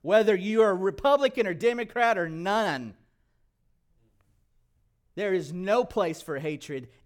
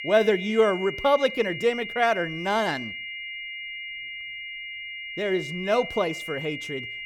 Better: first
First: none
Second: high-pitched whine; loud; throughout; 2 kHz, 8 dB below the speech

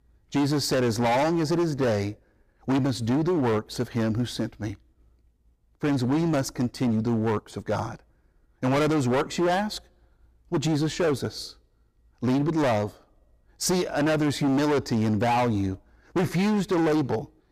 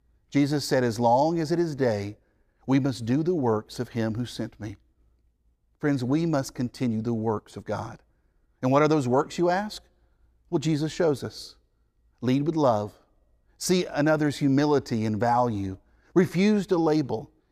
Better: second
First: distortion; heavy; 17% of the sound clipped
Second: none

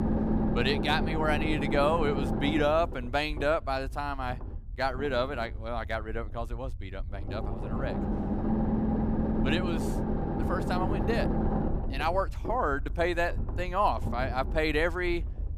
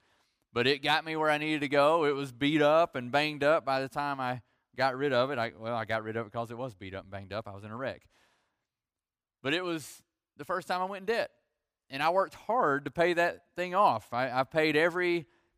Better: second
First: low rumble; loud; throughout; 6 dB below the speech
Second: none

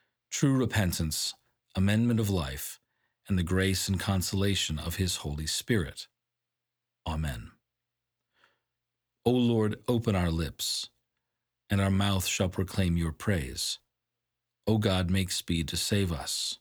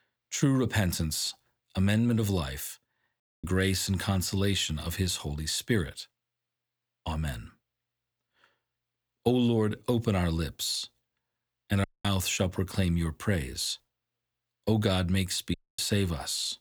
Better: first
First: none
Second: audio cutting out; at 3 s, at 12 s and at 16 s

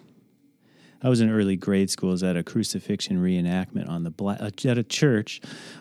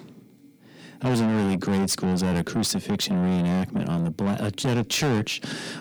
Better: first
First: none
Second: distortion; heavy; 7 dB below the speech

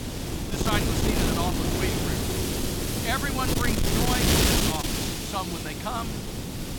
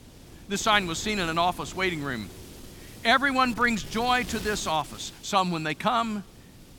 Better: second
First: wind noise on the microphone; heavy; 3 dB above the speech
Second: wind noise on the microphone; occasional gusts; 20 dB below the speech

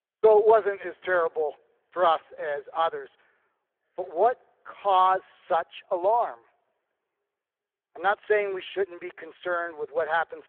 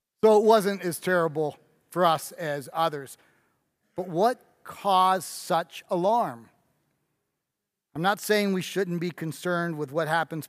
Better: second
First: phone-call audio; poor line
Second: none

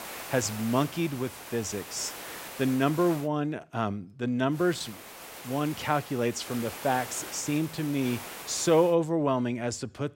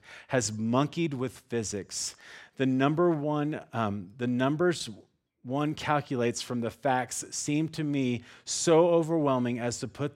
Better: second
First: hiss; noticeable; until 3 s and from 4.5 to 9 s; 10 dB below the speech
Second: none

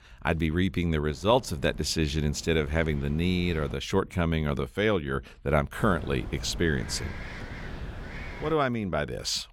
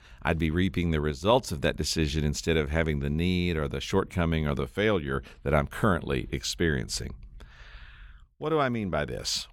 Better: second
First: wind noise on the microphone; occasional gusts; from 1 to 3.5 s and from 6 to 8.5 s; 15 dB below the speech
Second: none

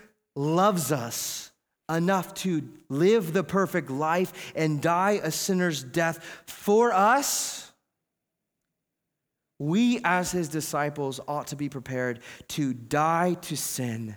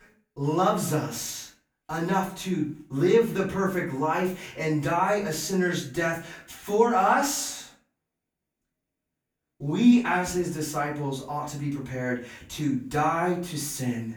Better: first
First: none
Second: room echo; slight; dies away in 0.3 s // off-mic speech; far

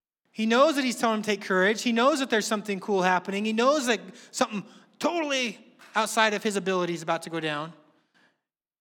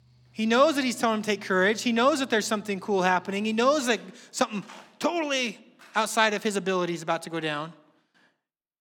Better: first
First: none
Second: machinery noise; faint; until 5 s; 30 dB below the speech

